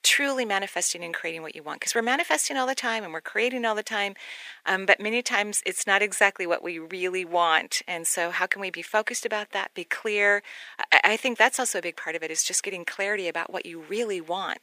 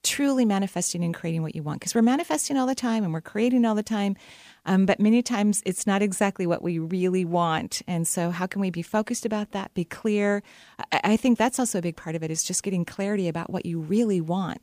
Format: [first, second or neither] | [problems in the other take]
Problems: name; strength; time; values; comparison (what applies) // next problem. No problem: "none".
second | thin; very; fading below 400 Hz